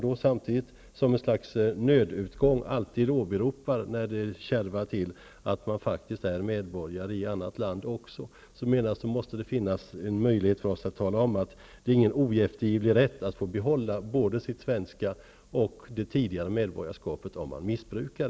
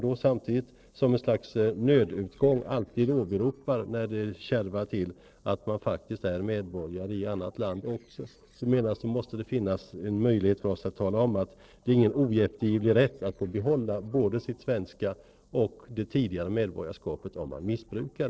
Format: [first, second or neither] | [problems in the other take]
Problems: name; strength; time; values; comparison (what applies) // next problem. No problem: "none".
first | noise reduction (neural separator model SepFormer DNS4)